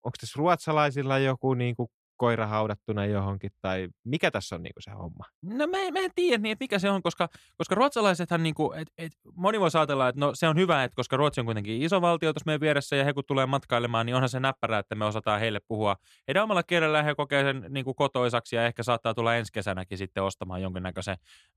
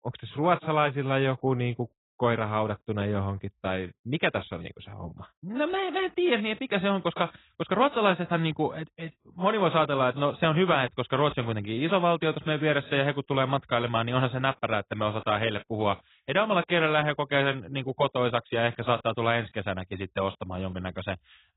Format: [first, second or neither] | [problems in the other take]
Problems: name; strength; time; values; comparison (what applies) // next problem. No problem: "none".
first | garbled, watery; badly; nothing above 4 kHz